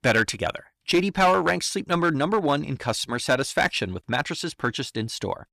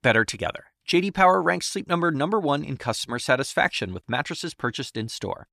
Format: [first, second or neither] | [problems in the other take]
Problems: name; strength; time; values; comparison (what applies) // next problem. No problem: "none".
second | distortion; slight; 4% of the sound clipped